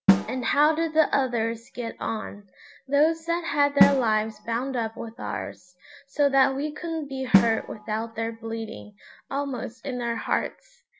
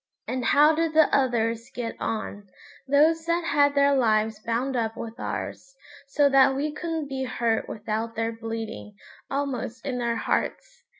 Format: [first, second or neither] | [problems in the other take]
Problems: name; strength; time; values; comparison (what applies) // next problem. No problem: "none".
second | background sound (Drum); 4 dB below the speech